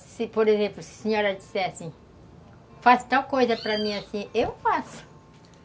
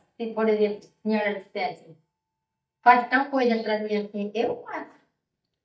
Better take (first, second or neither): first